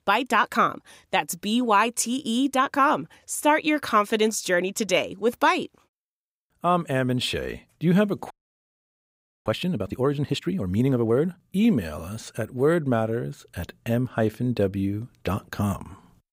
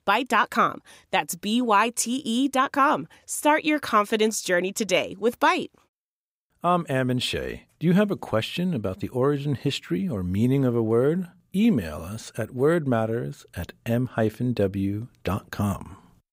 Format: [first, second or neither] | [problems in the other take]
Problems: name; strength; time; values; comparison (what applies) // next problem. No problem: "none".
second | audio freezing; at 8.5 s for 1 s